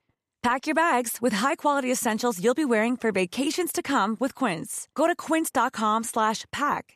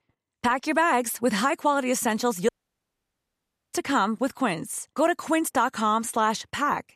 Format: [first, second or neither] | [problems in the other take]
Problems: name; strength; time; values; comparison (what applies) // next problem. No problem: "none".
first | audio cutting out; at 2.5 s for 1 s